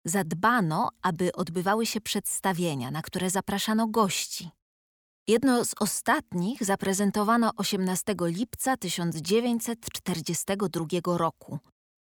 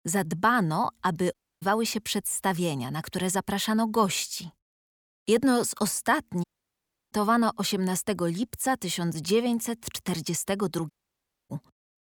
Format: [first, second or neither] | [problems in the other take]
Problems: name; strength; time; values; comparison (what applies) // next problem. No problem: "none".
first | audio cutting out; at 1.5 s, at 6.5 s for 0.5 s and at 11 s for 0.5 s